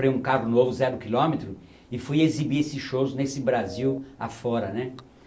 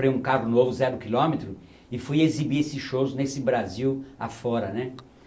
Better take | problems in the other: second | background sound (Telephone); 16 dB below the speech

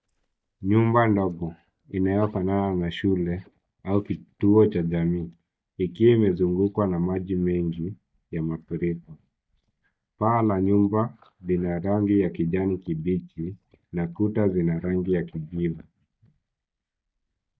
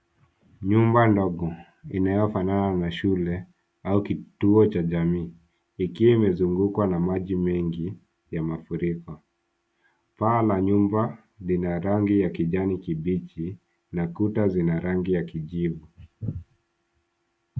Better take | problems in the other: second | noise reduction (neural mask model DeepFilterNet 3)

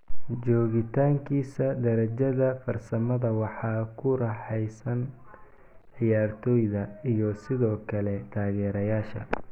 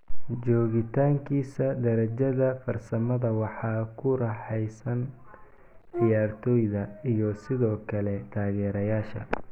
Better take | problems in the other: first | background sound (Brass instrument); 11 dB below the speech

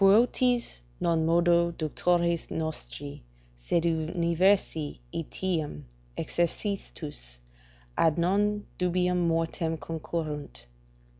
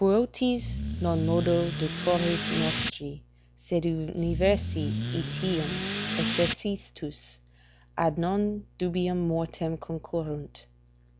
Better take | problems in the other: first | background sound (Accelerating, revving, vroom / Car); 2 dB below the speech

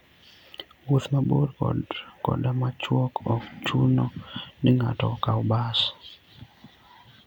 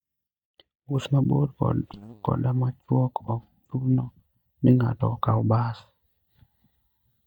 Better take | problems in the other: first | noise reduction (neural mask model DeepFilterNet 3)

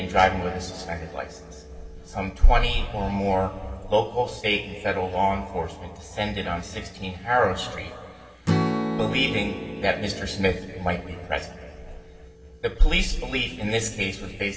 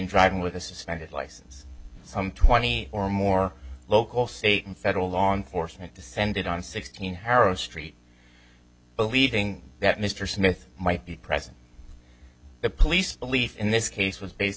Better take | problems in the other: second | background sound (Strum); 10 dB below the speech // room echo; dies away in 2.4 s

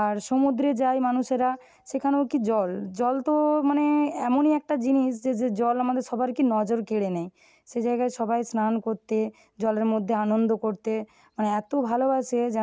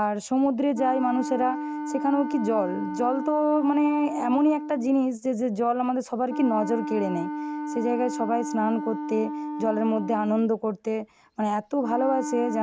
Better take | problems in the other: first | background sound (Wind instrument, woodwind instrument); 8 dB below the speech

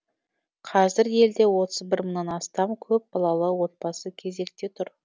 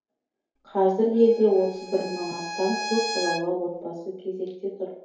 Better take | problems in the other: first | background sound (Bowed string instrument); 9 dB below the speech // room echo; dies away in 2.4 s

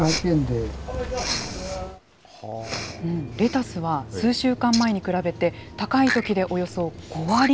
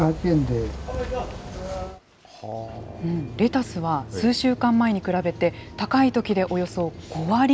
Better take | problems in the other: second | background sound (Respiratory sounds); 10 dB below the speech

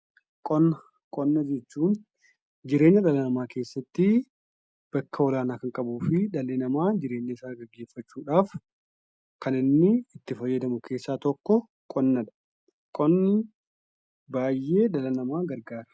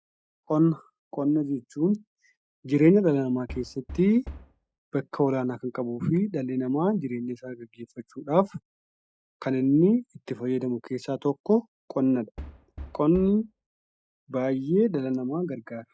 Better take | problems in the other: first | noise reduction (neural mask model DeepFilterNet 3)

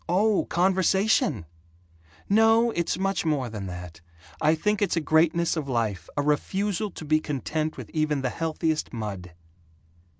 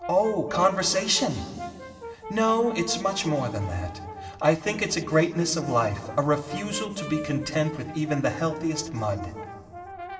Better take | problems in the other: first | background sound (Brass instrument); 13 dB below the speech // room echo; dies away in 2.3 s

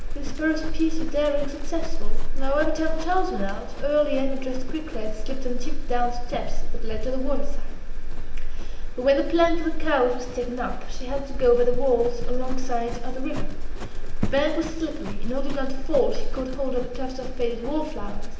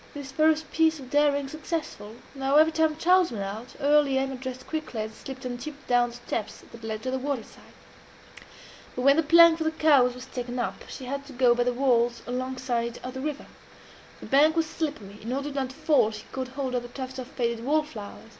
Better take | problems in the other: second | background sound (Livestock, farm animals, working animals); 5 dB above the speech // room echo; dies away in 0.8 s

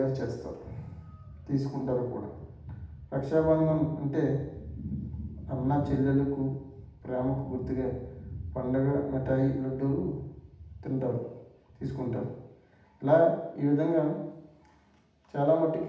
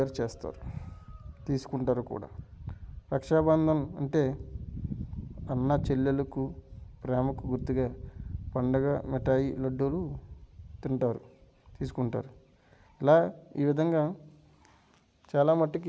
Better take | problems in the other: second | room echo; dies away in 0.8 s

